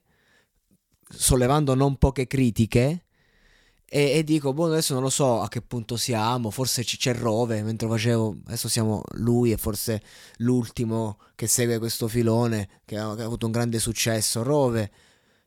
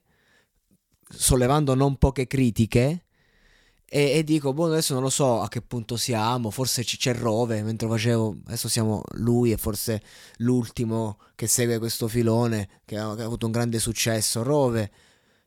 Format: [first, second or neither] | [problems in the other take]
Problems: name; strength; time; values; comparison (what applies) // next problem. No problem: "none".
neither | none